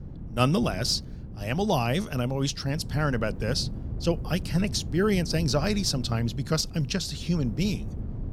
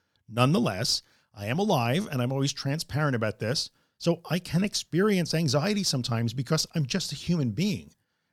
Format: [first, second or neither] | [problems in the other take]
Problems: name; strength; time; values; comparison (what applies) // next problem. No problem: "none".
second | wind noise on the microphone; occasional gusts; 20 dB below the speech